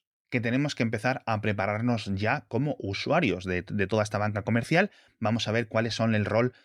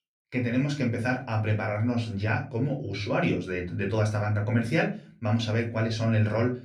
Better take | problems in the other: first | off-mic speech; far // room echo; slight; dies away in 0.3 s

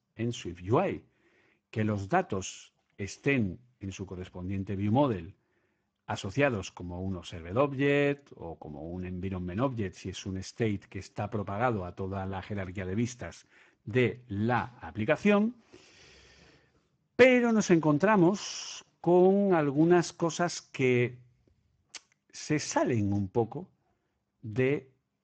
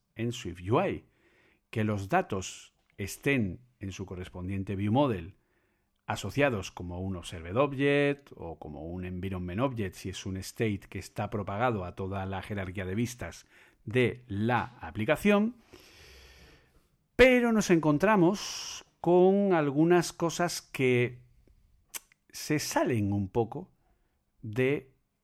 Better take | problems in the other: second | garbled, watery; badly; nothing above 7.5 kHz

